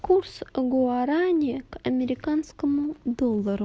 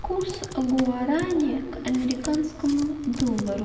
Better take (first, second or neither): first